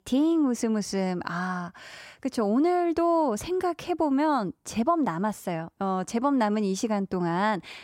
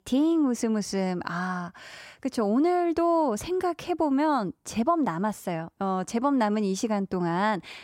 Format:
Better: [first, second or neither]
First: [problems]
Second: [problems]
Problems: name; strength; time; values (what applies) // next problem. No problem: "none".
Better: neither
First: none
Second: none